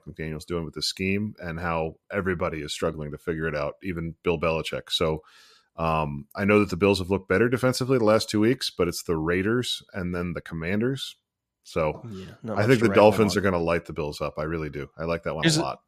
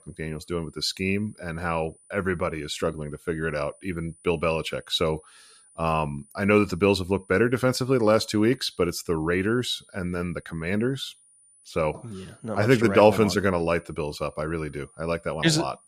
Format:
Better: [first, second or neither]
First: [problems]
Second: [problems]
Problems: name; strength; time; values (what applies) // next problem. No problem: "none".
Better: first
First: none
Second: high-pitched whine; faint; throughout; 9.5 kHz, 30 dB below the speech